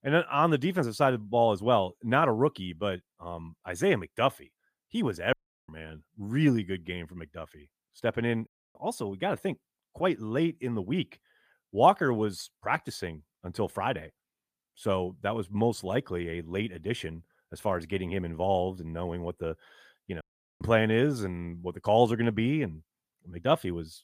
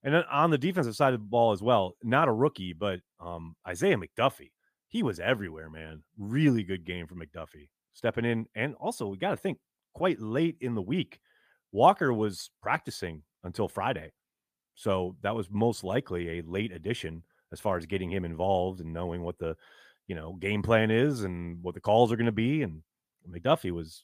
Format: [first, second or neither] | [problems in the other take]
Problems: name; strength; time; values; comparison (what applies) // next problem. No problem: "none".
second | audio cutting out; at 5.5 s, at 8.5 s and at 20 s